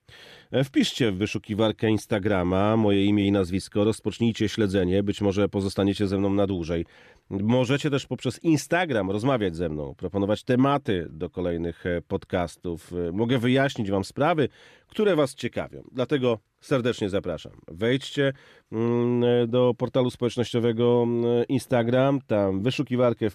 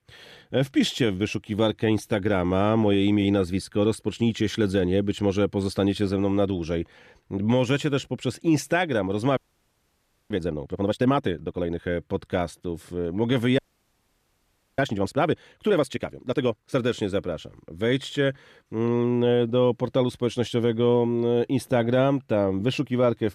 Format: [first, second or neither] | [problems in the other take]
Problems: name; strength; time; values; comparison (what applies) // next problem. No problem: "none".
first | audio freezing; at 9.5 s for 1 s and at 14 s for 1 s